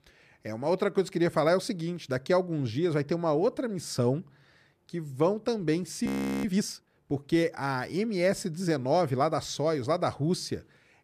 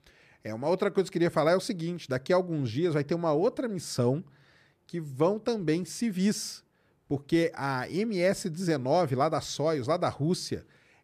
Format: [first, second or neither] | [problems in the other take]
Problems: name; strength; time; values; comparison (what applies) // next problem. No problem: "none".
second | audio freezing; at 6 s